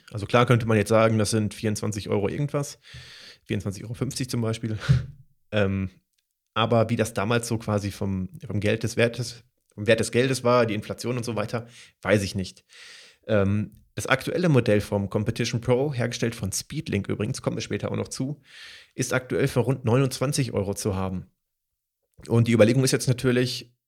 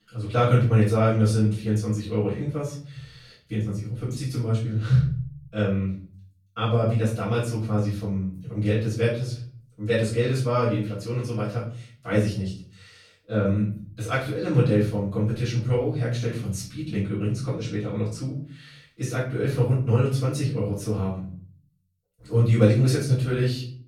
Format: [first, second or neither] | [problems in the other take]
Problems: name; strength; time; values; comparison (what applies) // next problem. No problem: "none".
first | off-mic speech; far // room echo; noticeable; dies away in 0.5 s